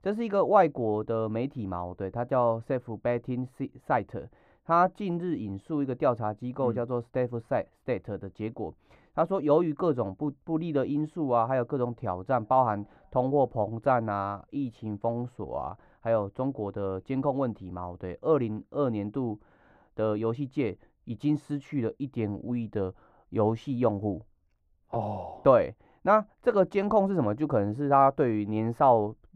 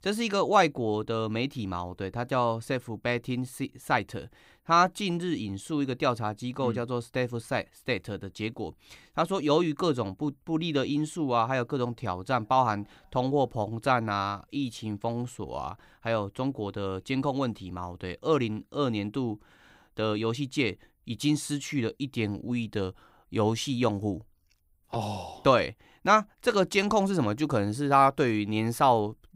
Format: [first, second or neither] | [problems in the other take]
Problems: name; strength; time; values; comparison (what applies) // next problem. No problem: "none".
second | muffled; very; fading above 2.5 kHz